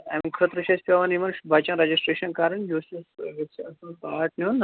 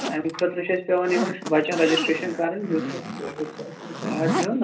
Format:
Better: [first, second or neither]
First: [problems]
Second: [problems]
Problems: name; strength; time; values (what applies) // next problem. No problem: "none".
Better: first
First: none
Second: background sound (Zipper (clothing)); 6 dB below the speech // room echo; dies away in 0.3 s